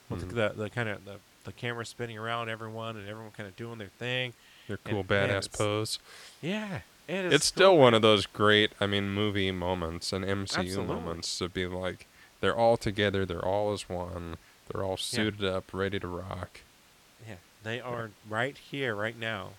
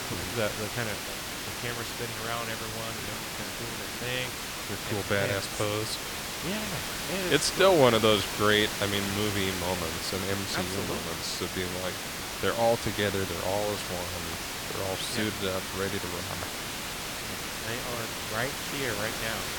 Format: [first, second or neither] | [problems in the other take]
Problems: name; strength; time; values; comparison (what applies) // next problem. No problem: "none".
first | hiss; loud; throughout; 3 dB below the speech; faint in the first